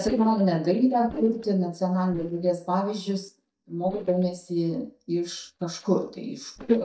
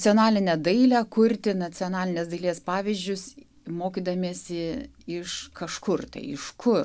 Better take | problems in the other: second | noise reduction (neural mask model DeepFilterNet 3)

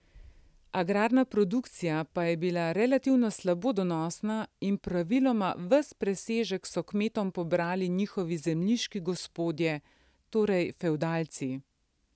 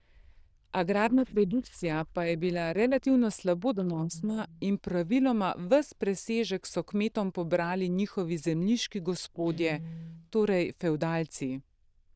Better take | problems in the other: first | noise reduction (neural diffusion model UNIVERSE++)

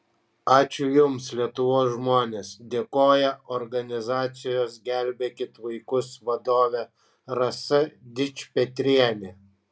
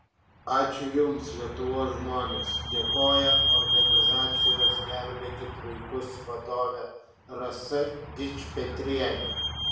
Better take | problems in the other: first | background sound (Squeak / Vehicle); 3 dB above the speech // room echo; dies away in 0.7 s

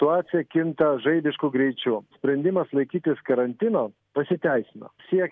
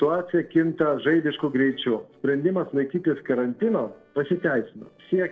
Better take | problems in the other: first | noise reduction (neural separator model SepFormer DNS4)

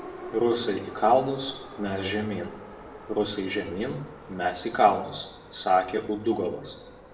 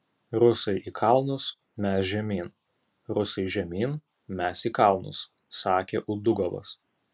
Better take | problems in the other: second | background sound (Subway, metro, underground); 15 dB below the speech // room echo; dies away in 0.7 s

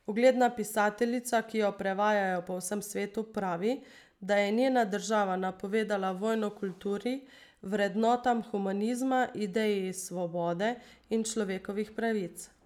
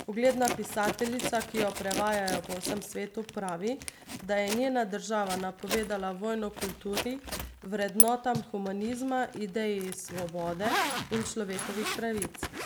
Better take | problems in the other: first | background sound (Zipper (clothing)); 4 dB below the speech

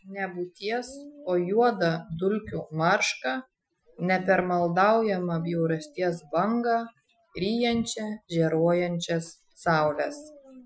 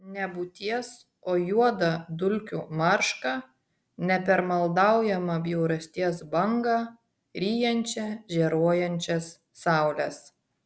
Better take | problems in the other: second | noise reduction (classical method Wiener filter)

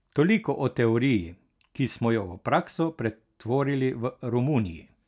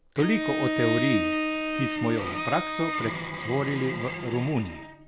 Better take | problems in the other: first | background sound (Bowed string instrument); 2 dB below the speech

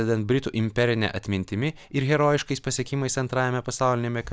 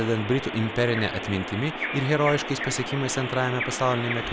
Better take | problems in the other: first | background sound (Bird vocalization, bird call, bird song); 6 dB below the speech

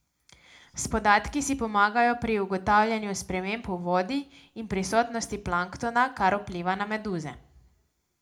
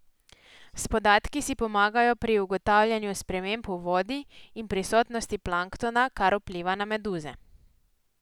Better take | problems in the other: second | room echo; dies away in 0.2 s

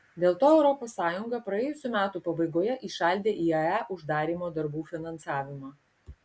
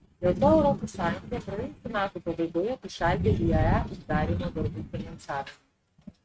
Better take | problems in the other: first | noise reduction (neural mask model RNNoise)

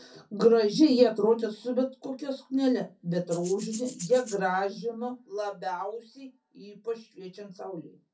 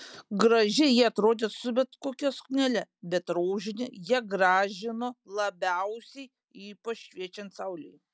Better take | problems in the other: second | background sound (Rattle (instrument)); 15 dB below the speech // room echo; dies away in 0.3 s

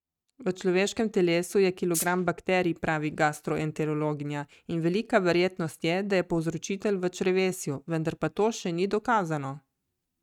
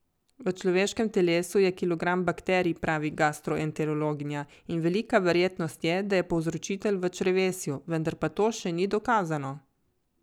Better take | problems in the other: second | noise reduction (neural mask model RNNoise)

